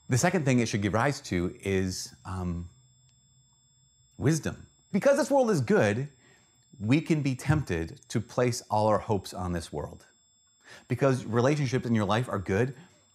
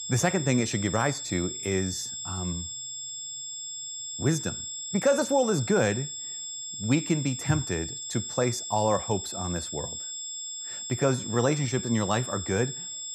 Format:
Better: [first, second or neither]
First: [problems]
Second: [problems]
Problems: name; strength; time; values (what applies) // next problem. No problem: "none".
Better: first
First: high-pitched whine; faint; throughout; 7.5 kHz, 35 dB below the speech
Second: high-pitched whine; loud; throughout; 7.5 kHz, 6 dB below the speech